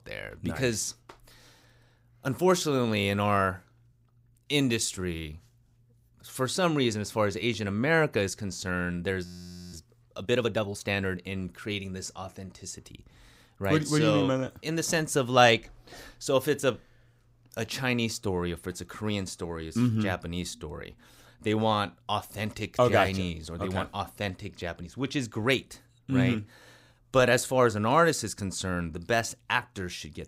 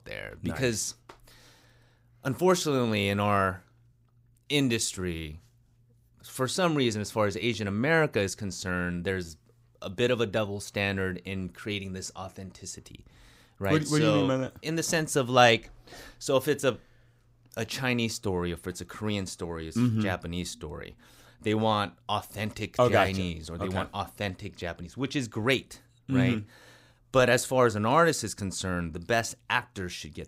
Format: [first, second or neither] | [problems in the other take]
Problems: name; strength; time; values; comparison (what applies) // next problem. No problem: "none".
second | audio freezing; at 9.5 s